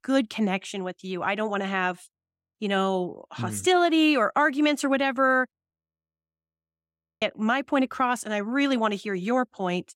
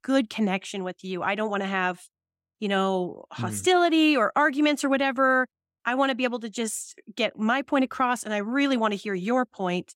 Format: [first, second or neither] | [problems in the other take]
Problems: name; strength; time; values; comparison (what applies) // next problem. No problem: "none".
second | audio freezing; at 5.5 s for 1.5 s